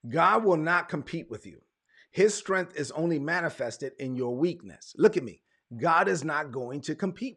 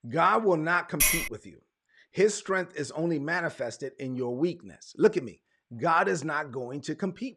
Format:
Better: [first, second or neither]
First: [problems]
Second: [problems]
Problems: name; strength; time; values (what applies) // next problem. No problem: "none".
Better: first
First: none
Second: clattering dishes; loud; at 1 s; peak 5 dB above the speech